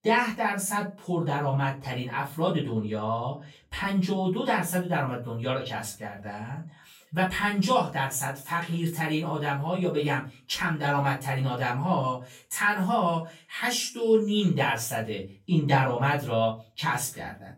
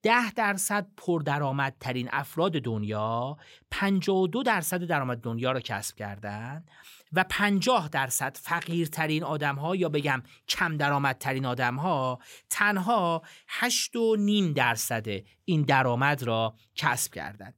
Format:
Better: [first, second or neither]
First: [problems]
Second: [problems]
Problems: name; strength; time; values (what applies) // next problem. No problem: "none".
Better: second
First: off-mic speech; far // room echo; slight; dies away in 0.3 s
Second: none